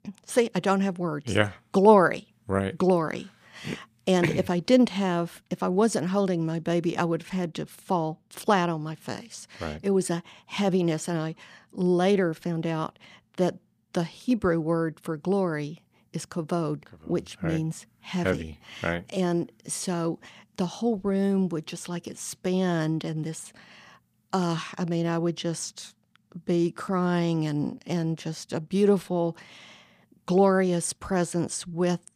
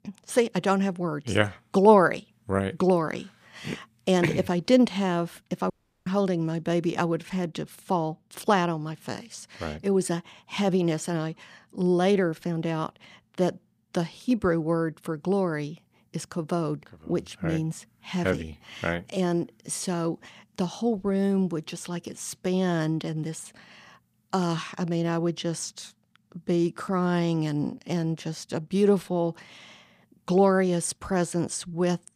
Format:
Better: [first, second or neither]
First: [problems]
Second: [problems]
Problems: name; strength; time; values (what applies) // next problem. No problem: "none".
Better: first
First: none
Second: audio cutting out; at 5.5 s